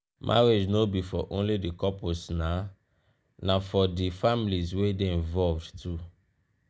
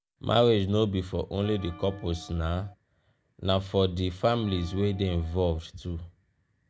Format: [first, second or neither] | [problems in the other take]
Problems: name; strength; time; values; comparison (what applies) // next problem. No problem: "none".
first | background sound (Bell); 20 dB below the speech